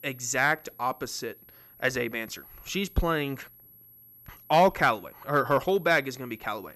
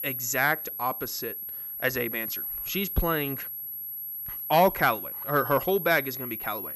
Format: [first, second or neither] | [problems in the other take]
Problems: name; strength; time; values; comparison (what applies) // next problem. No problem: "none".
first | high-pitched whine; loud; throughout; 11.5 kHz, 5 dB below the speech; faint in the first